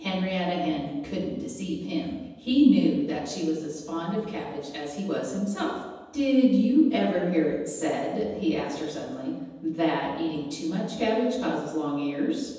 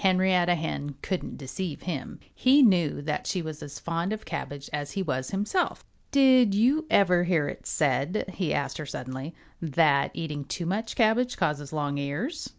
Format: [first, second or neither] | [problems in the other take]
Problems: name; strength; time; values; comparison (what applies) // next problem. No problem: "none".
second | room echo; dies away in 1.1 s